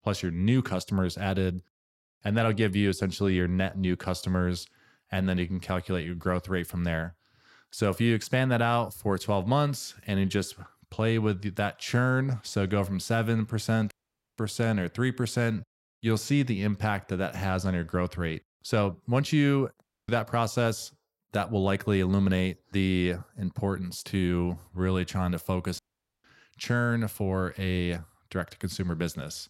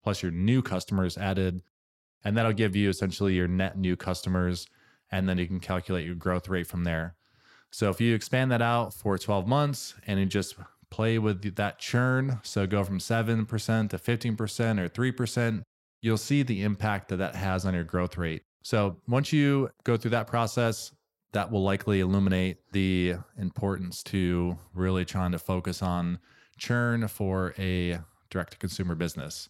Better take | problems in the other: second | audio cutting out; at 14 s, at 20 s and at 26 s

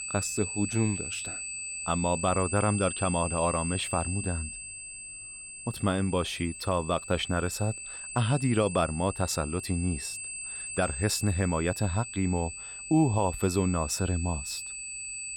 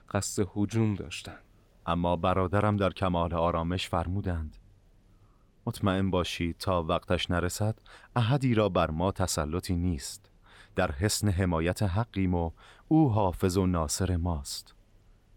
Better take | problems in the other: second | high-pitched whine; loud; throughout; 8 kHz, 7 dB below the speech

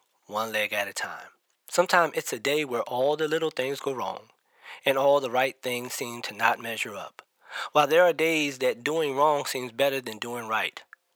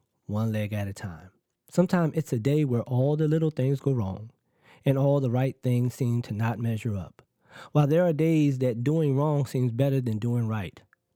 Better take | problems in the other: second | thin; very; fading below 850 Hz

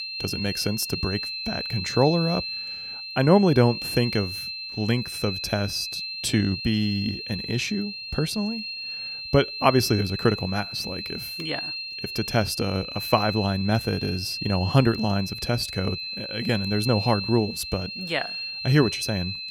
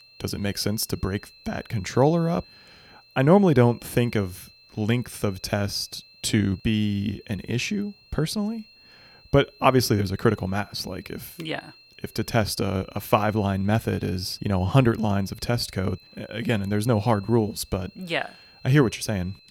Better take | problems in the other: second | high-pitched whine; loud; throughout; 4 kHz, 6 dB below the speech; faint in the second

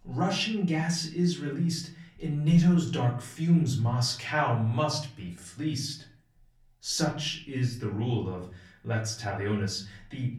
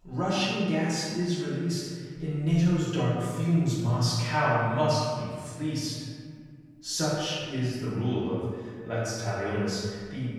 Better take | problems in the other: first | room echo; strong; dies away in 1.8 s; slight in the first // off-mic speech; far; far in the first

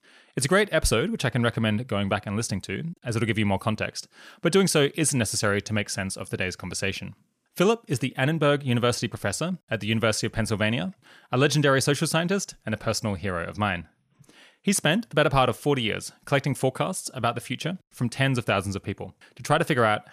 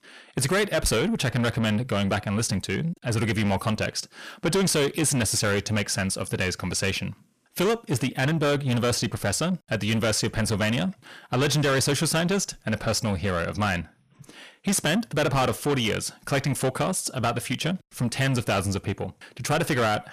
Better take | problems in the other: first | distortion; heavy; 7 dB below the speech

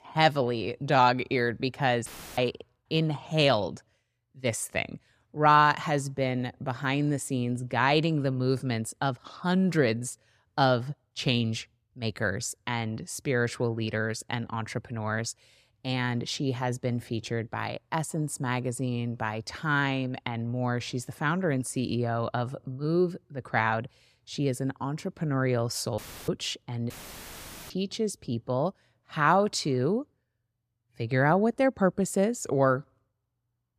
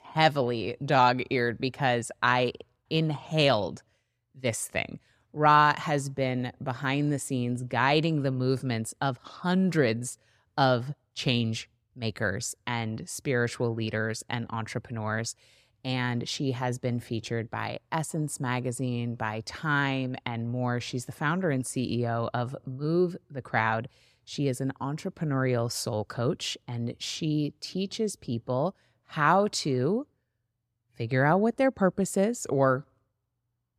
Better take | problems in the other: second | audio cutting out; filled with static; at 2 s, at 26 s and at 27 s for 1 s

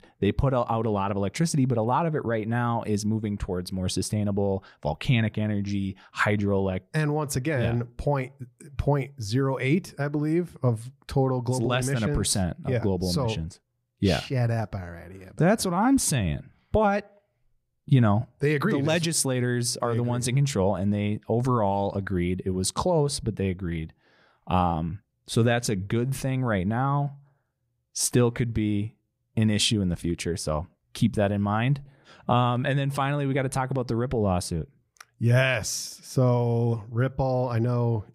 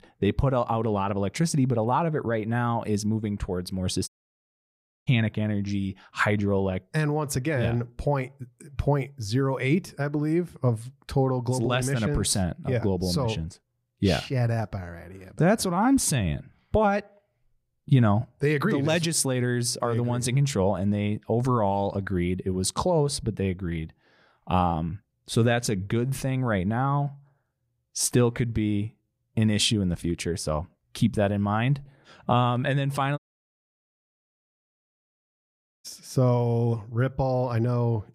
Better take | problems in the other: first | audio cutting out; at 4 s for 1 s and at 33 s for 2.5 s

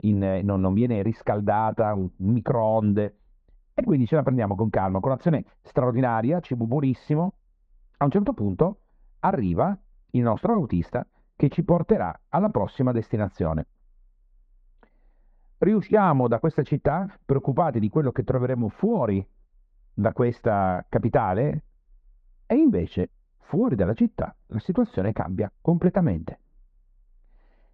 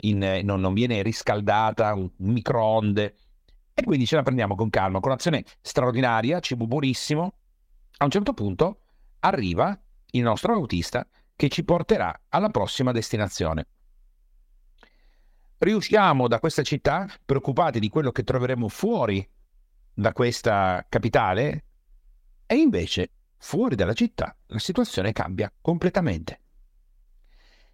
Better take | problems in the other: second | muffled; very; fading above 1 kHz

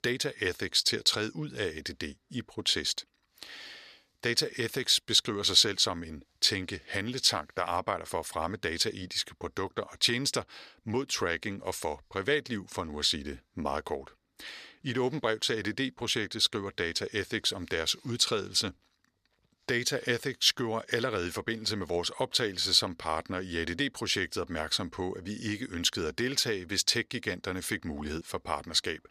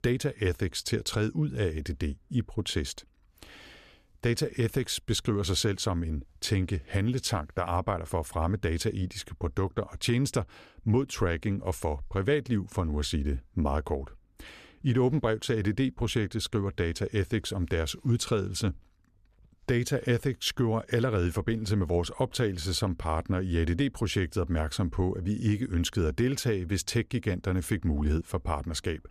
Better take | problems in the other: second | thin; somewhat; fading below 500 Hz

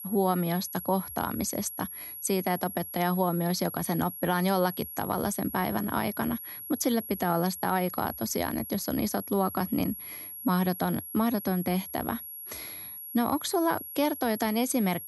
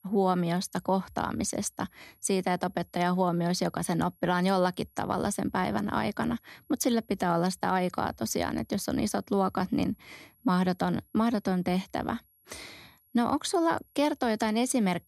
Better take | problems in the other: second | high-pitched whine; loud; throughout; 11.5 kHz, 9 dB below the speech; faint in the second

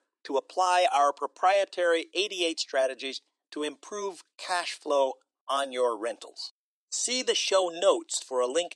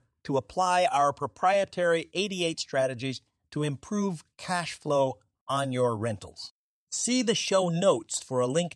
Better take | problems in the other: second | thin; somewhat; fading below 300 Hz

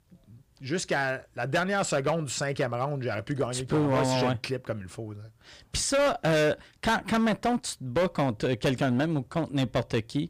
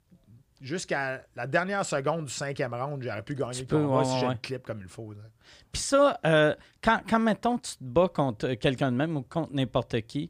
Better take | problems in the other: second | distortion; heavy; 9% of the sound clipped

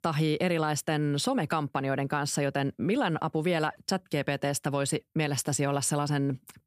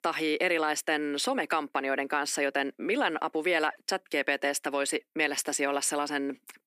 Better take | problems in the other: first | thin; somewhat; fading below 300 Hz

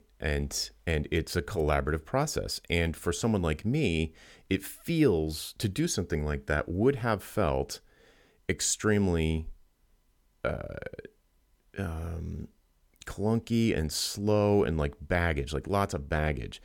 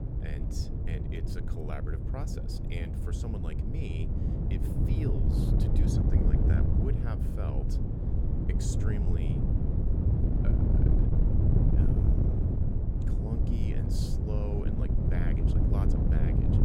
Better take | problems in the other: first | wind noise on the microphone; heavy; 4 dB above the speech

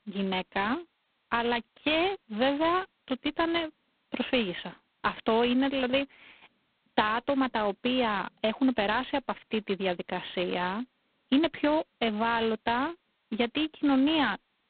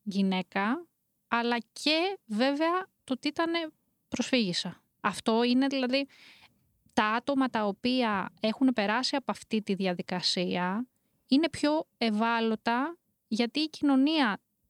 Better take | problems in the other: second | phone-call audio; poor line; nothing above 3.5 kHz

